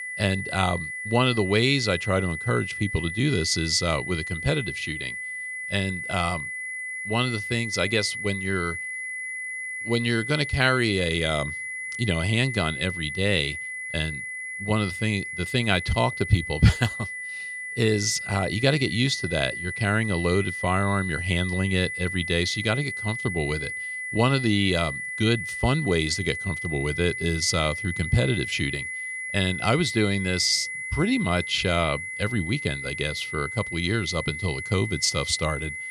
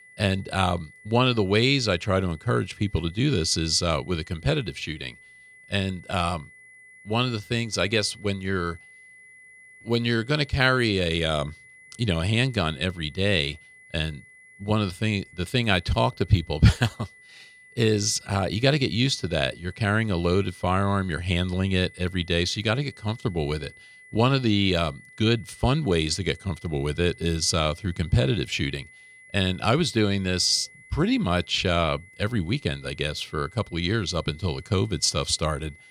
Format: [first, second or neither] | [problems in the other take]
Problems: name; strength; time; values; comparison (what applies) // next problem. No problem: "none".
second | high-pitched whine; loud; throughout; 2 kHz, 6 dB below the speech; faint in the second